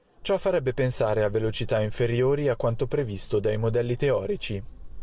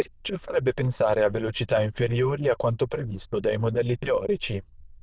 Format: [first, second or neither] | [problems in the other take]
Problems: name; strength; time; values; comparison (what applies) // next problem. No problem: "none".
first | noise reduction (neural diffusion model UNIVERSE++)